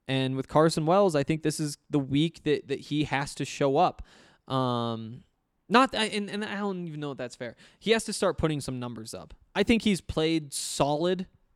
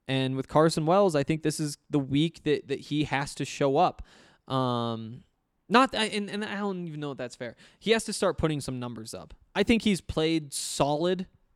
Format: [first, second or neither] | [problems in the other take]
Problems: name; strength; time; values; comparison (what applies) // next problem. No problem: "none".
neither | none